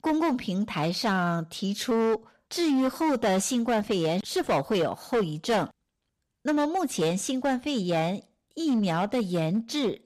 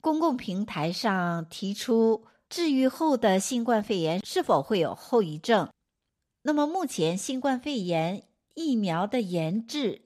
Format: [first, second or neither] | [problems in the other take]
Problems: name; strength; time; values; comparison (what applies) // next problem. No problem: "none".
second | distortion; slight; 12% of the sound clipped